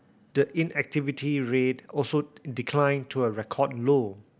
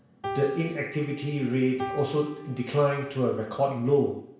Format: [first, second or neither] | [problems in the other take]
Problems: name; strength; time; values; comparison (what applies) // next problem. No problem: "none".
first | background sound (Piano); 11 dB below the speech // room echo; dies away in 0.7 s